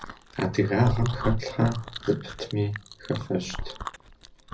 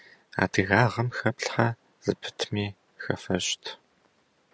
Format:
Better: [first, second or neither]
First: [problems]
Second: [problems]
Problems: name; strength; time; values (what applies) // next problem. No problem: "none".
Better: second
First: background sound (Chewing, mastication); 8 dB below the speech // room echo; dies away in 0.4 s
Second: none